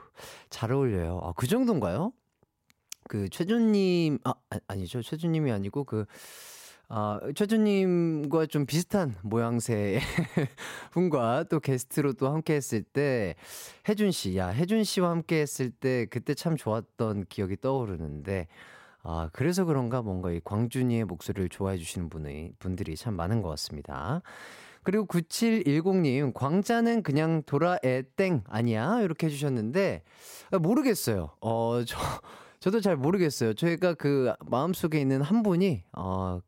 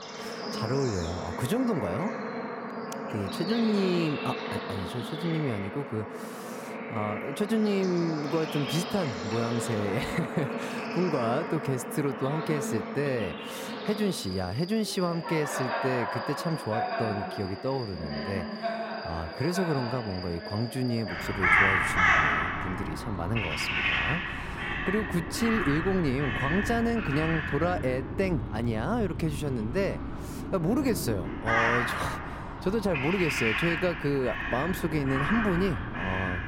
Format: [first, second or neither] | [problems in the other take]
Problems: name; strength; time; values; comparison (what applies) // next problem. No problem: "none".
first | animal sounds; loud; throughout; 1 dB below the speech